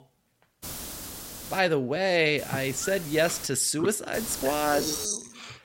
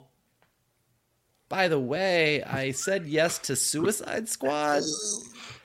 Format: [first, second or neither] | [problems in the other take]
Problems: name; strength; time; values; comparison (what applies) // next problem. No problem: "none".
second | hiss; noticeable; at 0.5 s, from 2.5 to 3.5 s and at 4 s; 10 dB below the speech